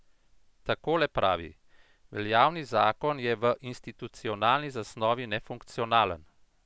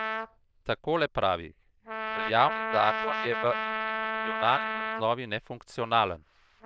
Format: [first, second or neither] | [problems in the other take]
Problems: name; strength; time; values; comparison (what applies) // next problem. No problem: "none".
first | noise reduction (neural diffusion model UNIVERSE++)